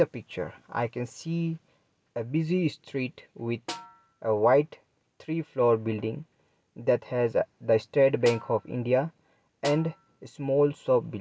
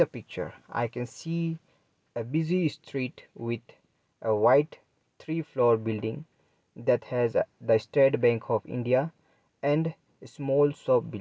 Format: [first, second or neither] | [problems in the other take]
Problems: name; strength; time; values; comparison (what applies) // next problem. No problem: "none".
second | background sound (Snare drum); 16 dB below the speech